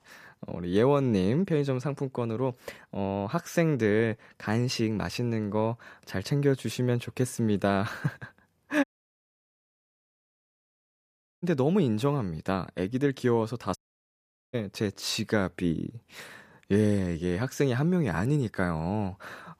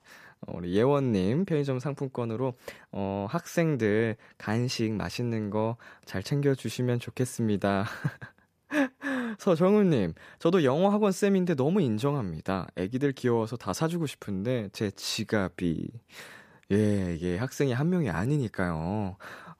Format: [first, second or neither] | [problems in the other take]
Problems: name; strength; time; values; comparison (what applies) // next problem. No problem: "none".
second | audio cutting out; at 9 s for 2.5 s and at 14 s for 1 s